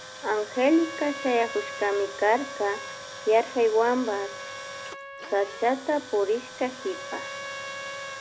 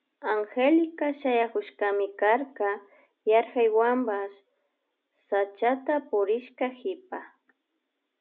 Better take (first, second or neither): second